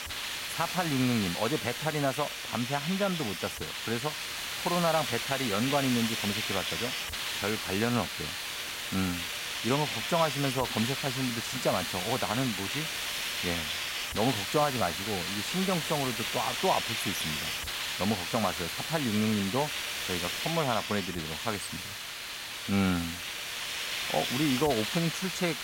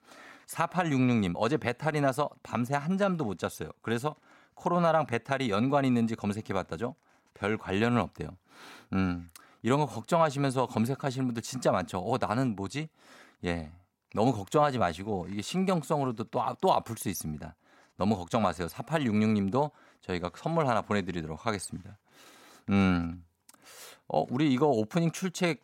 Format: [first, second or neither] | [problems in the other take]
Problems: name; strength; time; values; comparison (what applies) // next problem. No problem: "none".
second | hiss; loud; throughout; 1 dB below the speech